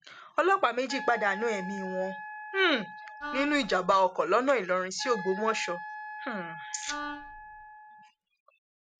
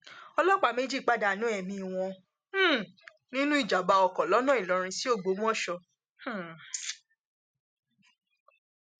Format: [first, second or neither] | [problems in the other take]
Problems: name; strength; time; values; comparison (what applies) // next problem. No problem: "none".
second | background sound (Wind instrument, woodwind instrument + Wind instrument, woodwind instrument); 11 dB below the speech